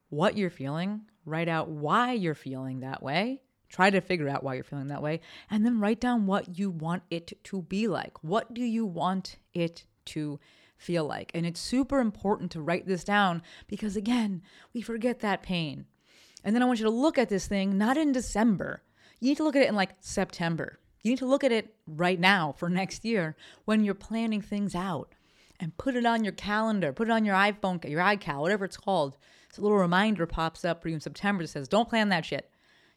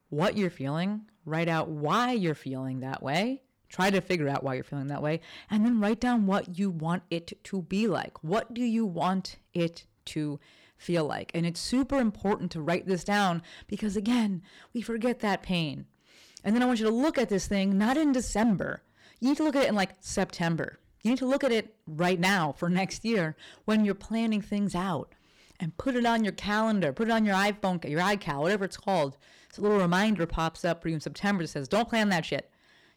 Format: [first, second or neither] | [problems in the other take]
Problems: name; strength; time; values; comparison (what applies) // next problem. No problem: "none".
first | distortion; slight; 6% of the sound clipped